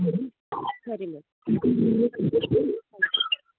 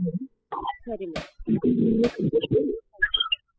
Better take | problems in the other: first | noise reduction (classical method spectral subtraction)

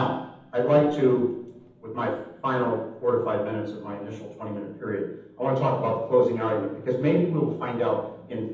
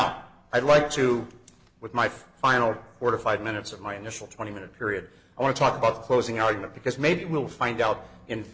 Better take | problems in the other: second | room echo; dies away in 0.8 s

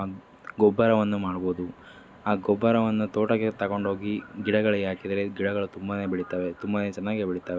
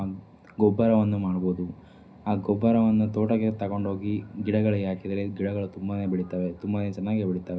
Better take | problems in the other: first | room echo; dies away in 0.4 s

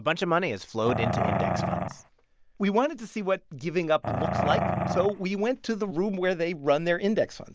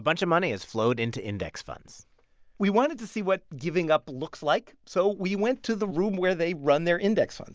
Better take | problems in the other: second | background sound (Growling); as loud as the speech

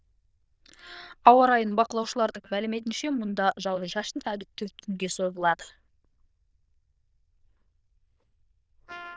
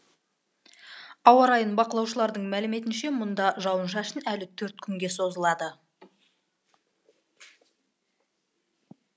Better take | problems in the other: second | noise reduction (neural diffusion model UNIVERSE++)

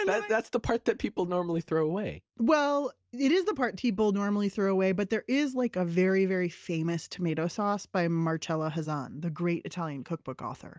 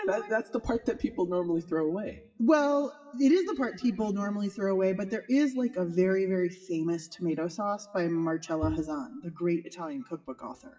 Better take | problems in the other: first | noise reduction (classical method WPE with log-MMSE)

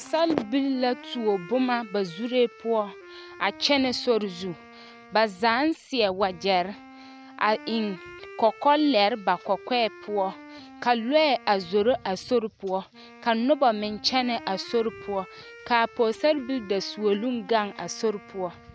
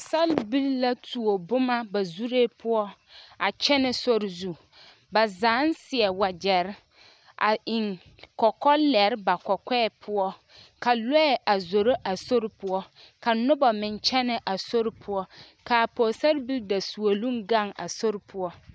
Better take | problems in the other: second | background sound (Wind instrument, woodwind instrument); 20 dB below the speech

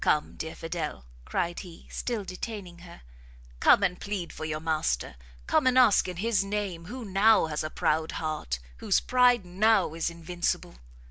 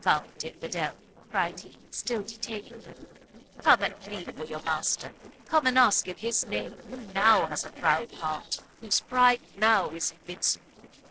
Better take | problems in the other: first | noise reduction (neural separator model SepFormer DNS4)

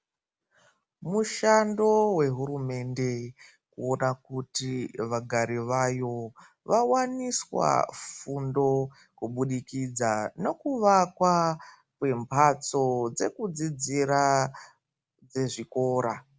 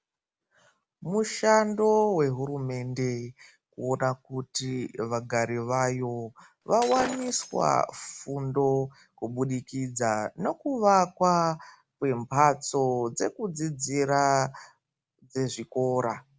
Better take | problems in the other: first | background sound (Shatter); 11 dB below the speech

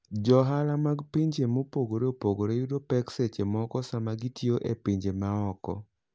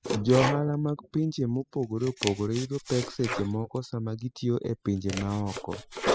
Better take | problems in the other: first | noise reduction (classical method spectral subtraction)

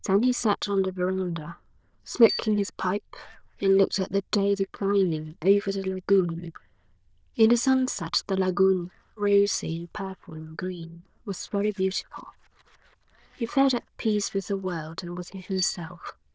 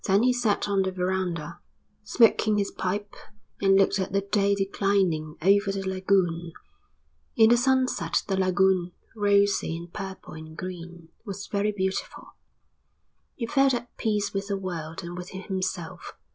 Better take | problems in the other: second | noise reduction (neural diffusion model UNIVERSE++)

